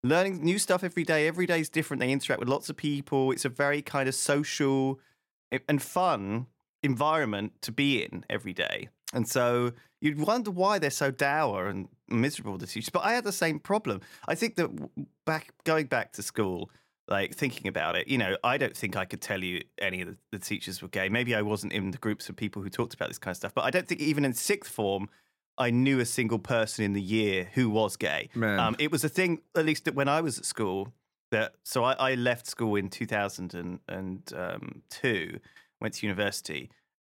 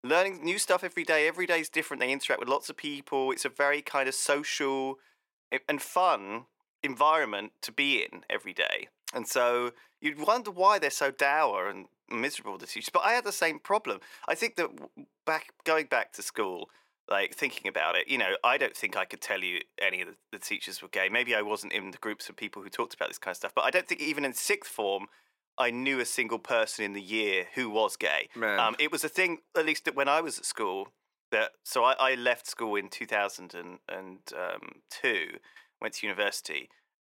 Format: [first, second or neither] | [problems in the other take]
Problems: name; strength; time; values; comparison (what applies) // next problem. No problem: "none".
first | thin; somewhat; fading below 500 Hz